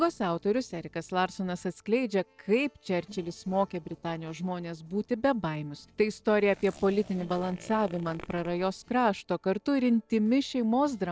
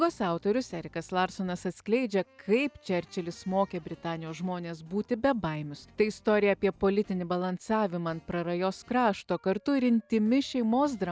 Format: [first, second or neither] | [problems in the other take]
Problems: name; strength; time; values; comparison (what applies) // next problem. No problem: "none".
second | noise reduction (neural separator model SepFormer DNS4)